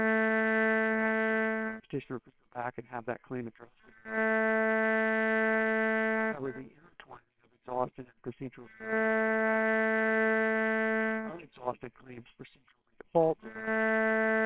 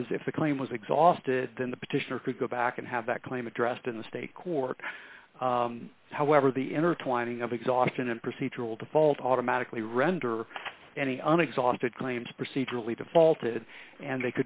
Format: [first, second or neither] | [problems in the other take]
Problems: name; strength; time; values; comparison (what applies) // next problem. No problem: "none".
second | noise reduction (neural separator model SepFormer WHAMR!)